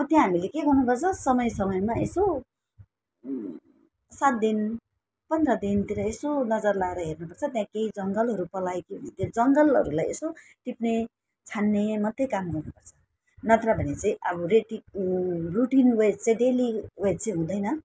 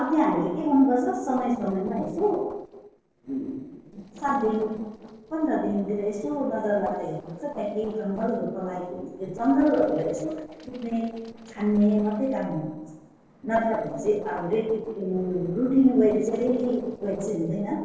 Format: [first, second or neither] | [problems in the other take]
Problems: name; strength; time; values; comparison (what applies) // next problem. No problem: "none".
first | noise reduction (neural separator model SepFormer DNS4)